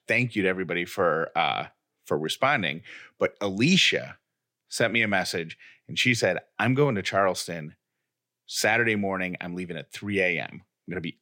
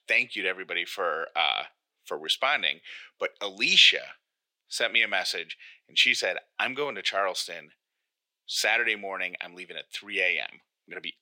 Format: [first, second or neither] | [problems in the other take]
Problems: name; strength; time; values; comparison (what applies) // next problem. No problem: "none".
first | thin; very; fading below 500 Hz